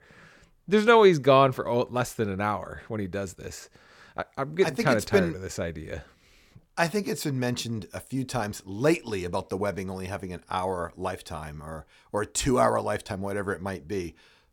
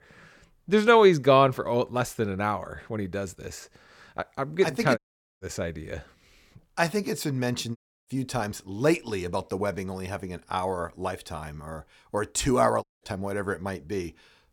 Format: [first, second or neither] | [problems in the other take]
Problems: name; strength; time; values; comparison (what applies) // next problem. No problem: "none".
first | audio cutting out; at 5 s, at 8 s and at 13 s